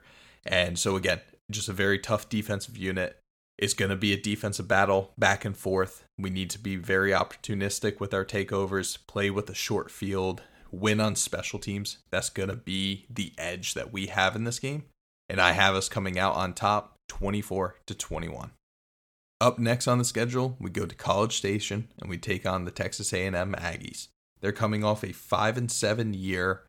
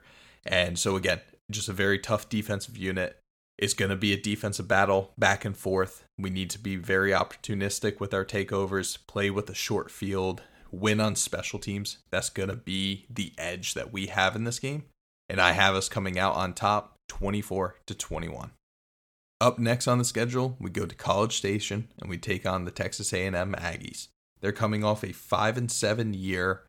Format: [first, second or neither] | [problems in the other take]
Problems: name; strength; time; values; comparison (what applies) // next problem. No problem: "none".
neither | none